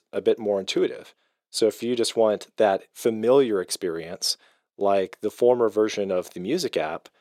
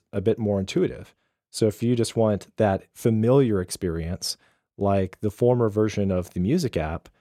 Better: second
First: thin; somewhat; fading below 400 Hz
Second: none

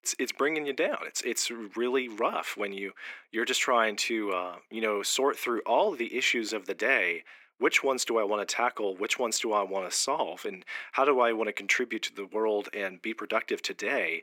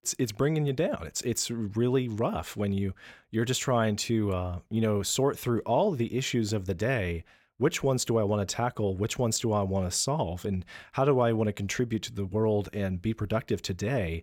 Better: second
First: thin; somewhat; fading below 300 Hz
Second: none

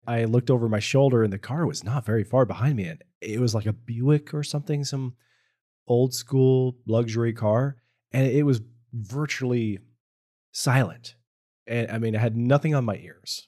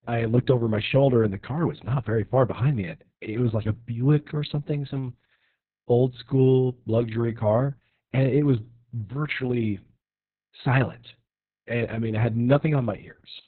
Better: first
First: none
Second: garbled, watery; badly; nothing above 4 kHz

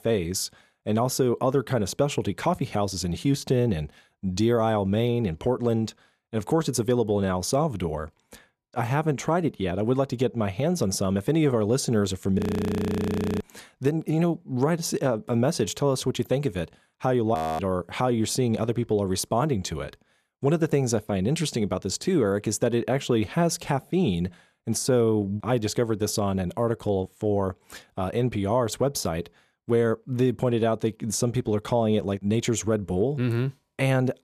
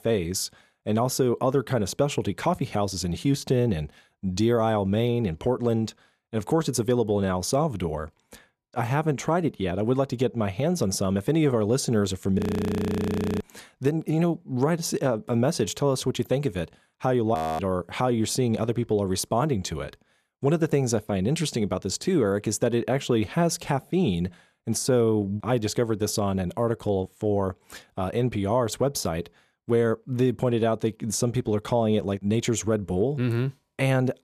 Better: neither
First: audio freezing; at 12 s for 1 s and at 17 s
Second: audio freezing; at 12 s for 1 s and at 17 s

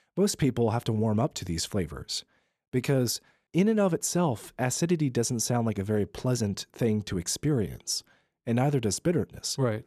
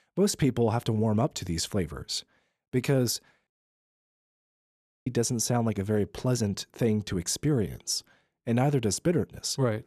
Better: first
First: none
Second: audio cutting out; at 3.5 s for 1.5 s

